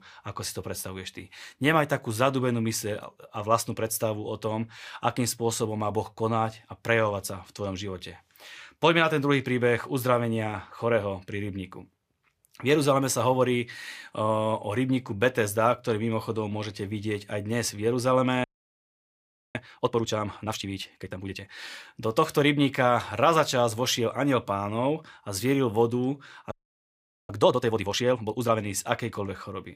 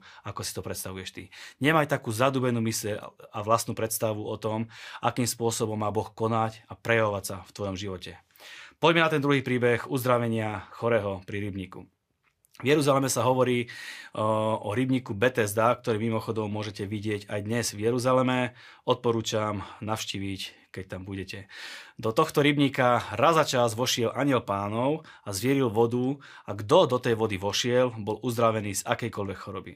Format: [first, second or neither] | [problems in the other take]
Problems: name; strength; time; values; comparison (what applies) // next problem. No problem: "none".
second | audio freezing; at 18 s for 1 s and at 27 s for 1 s